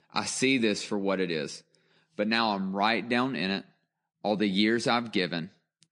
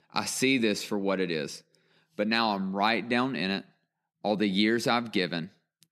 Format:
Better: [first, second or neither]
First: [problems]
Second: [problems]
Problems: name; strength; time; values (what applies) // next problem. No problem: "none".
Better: second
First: garbled, watery; slightly; nothing above 8.5 kHz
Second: none